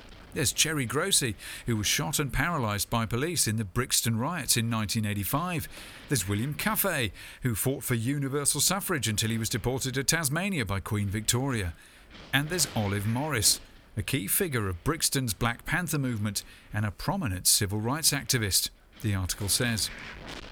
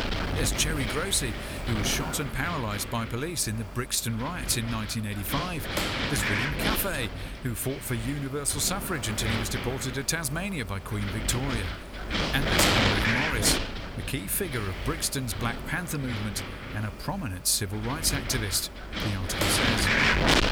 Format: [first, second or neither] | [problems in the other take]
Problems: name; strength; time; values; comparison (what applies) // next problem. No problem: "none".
first | wind noise on the microphone; heavy; 2 dB above the speech; occasional gusts in the first